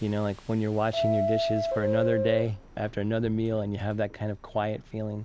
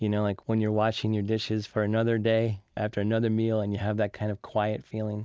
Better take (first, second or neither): second